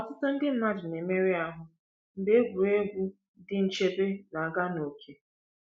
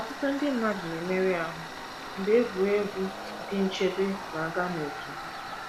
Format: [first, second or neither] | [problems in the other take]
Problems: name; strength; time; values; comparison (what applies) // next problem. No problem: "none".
first | background sound (Tools); 9 dB below the speech